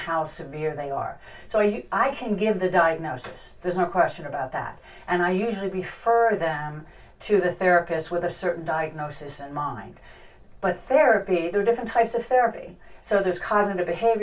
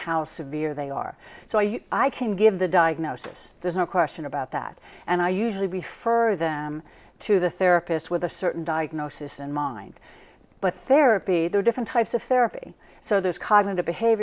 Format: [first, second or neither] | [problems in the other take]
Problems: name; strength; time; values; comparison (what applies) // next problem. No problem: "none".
second | room echo; dies away in 0.2 s